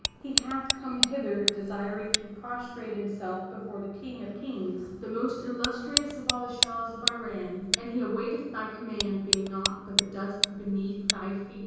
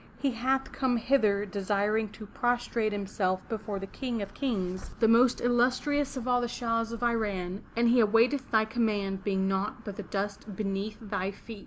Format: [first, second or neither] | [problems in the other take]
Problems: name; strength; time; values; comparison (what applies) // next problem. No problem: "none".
second | background sound (Tick); 2 dB above the speech // room echo; dies away in 1.3 s